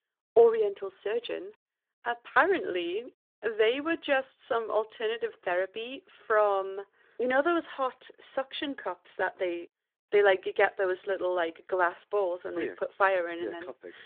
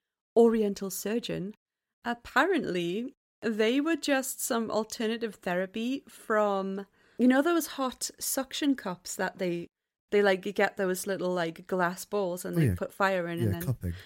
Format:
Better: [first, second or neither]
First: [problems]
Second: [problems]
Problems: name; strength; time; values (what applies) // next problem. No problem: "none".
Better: second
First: phone-call audio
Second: none